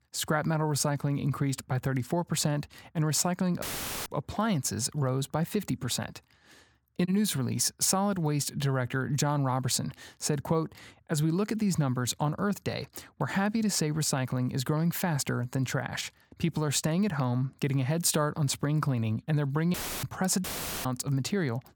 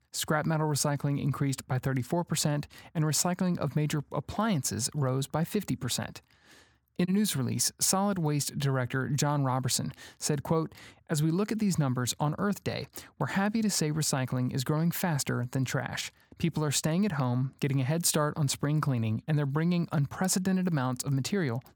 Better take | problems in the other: second | audio cutting out; filled with static; at 3.5 s and at 20 s

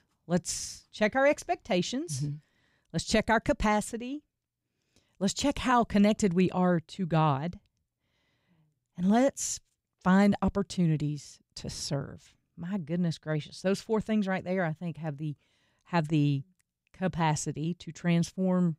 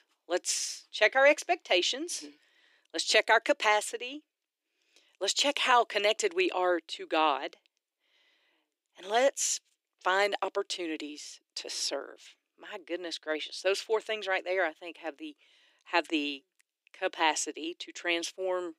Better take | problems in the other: first | thin; very; fading below 300 Hz

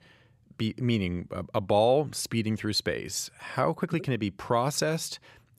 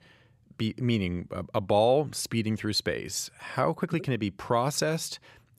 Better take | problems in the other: neither | none

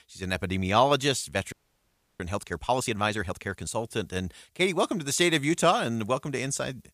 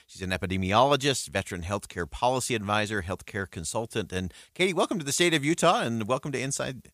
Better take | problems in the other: second | audio freezing; at 1.5 s for 0.5 s

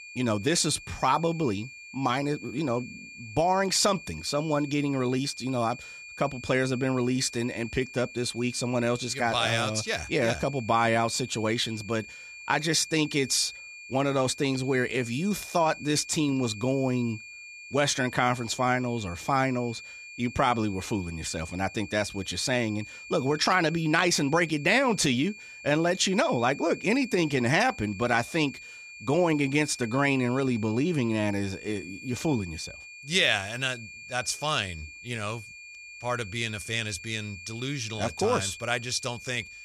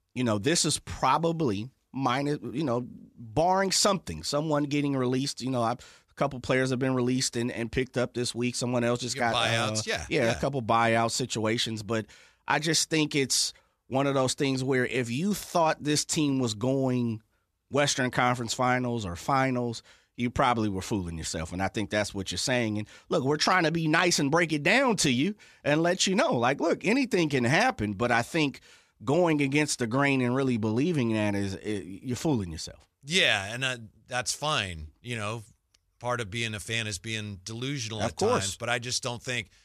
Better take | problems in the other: second | high-pitched whine; noticeable; throughout; 2.5 kHz, 15 dB below the speech

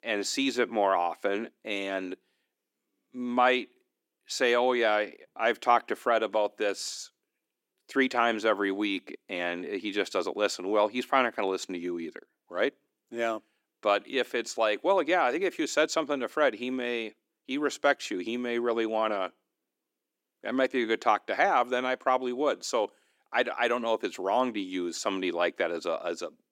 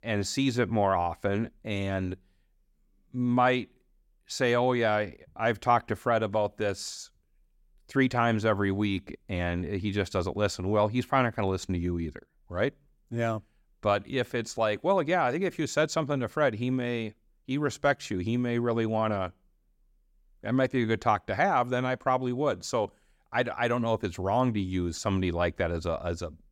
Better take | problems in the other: second | thin; very slightly; fading below 300 Hz

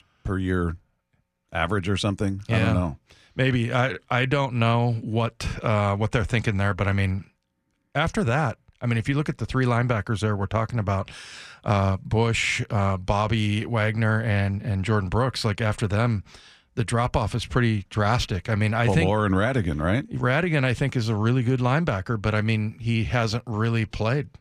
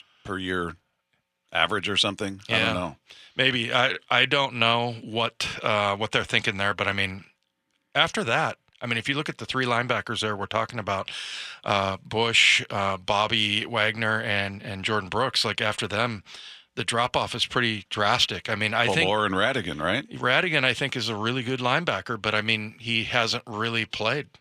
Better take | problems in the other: first | thin; somewhat; fading below 1 kHz

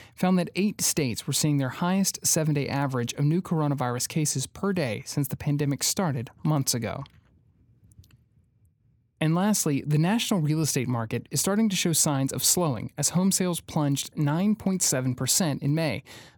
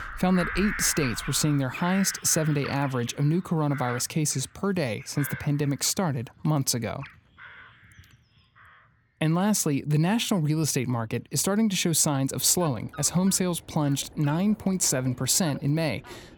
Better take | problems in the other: first | animal sounds; noticeable; throughout; 15 dB below the speech

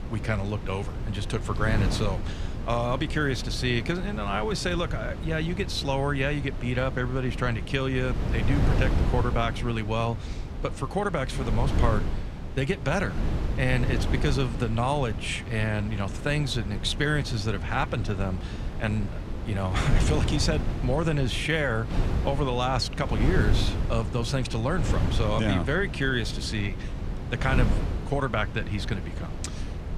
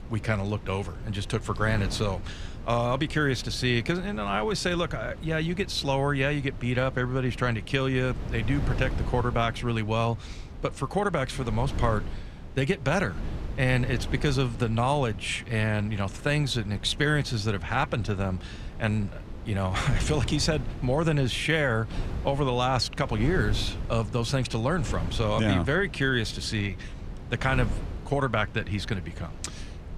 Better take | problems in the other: second | wind noise on the microphone; heavy; 9 dB below the speech; occasional gusts in the second

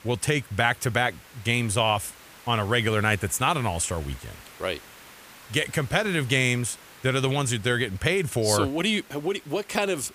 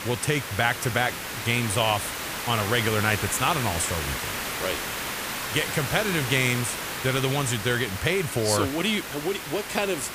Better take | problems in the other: first | hiss; loud; throughout; 5 dB below the speech; faint in the first

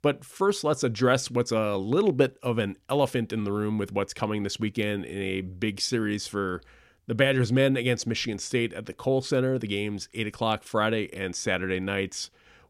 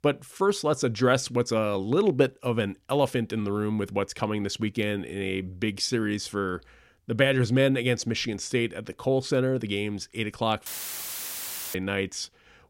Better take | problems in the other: first | audio cutting out; filled with static; at 11 s for 1 s

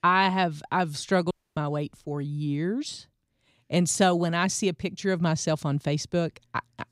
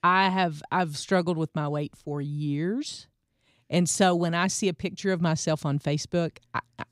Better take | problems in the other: second | audio cutting out; at 1.5 s

